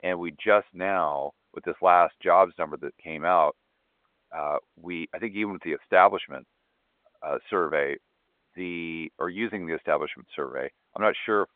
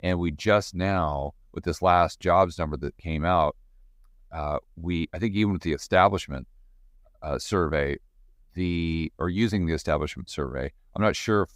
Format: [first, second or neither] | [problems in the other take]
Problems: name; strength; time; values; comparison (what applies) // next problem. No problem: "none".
second | phone-call audio